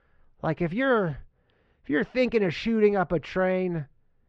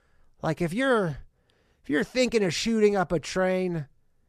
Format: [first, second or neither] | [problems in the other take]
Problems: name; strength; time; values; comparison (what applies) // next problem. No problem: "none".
second | muffled; slightly; fading above 3 kHz